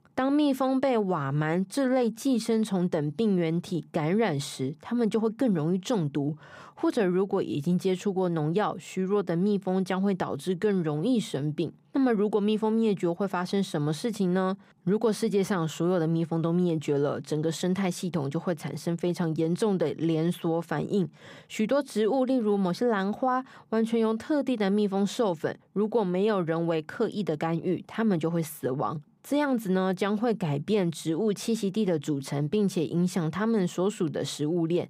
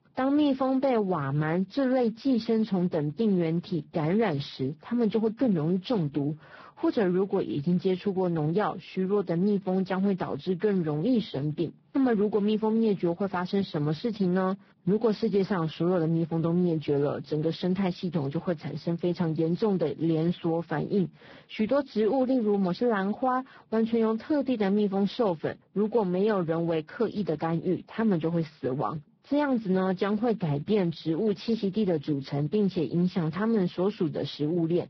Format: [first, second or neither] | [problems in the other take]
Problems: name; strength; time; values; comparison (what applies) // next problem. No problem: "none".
first | garbled, watery; badly; nothing above 5.5 kHz